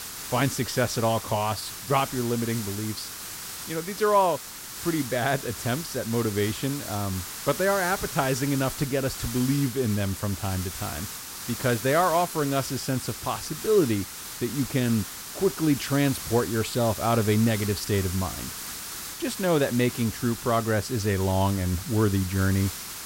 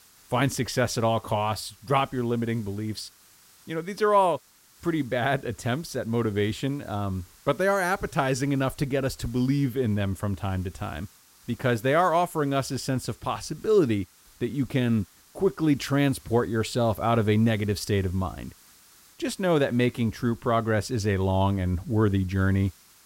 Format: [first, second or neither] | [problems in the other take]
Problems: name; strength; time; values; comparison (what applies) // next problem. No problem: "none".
second | hiss; loud; throughout; 8 dB below the speech; faint in the second